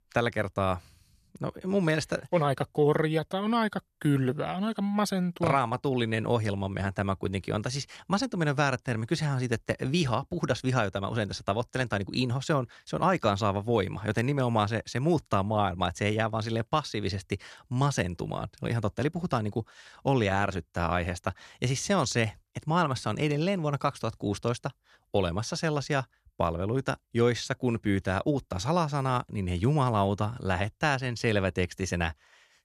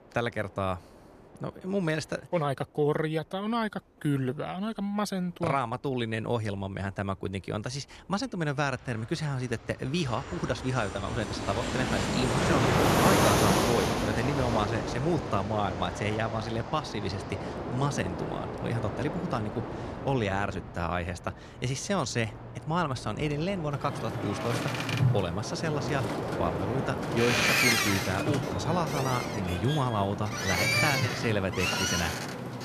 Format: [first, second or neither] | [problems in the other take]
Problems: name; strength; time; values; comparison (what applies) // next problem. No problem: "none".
first | train or aircraft noise; very loud; throughout; 2 dB above the speech